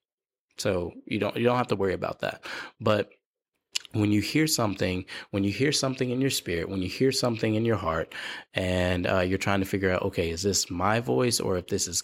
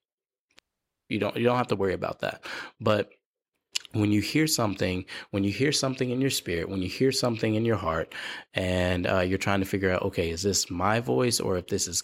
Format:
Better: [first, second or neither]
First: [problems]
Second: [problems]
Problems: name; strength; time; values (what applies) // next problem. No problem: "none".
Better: first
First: none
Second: audio cutting out; at 0.5 s for 0.5 s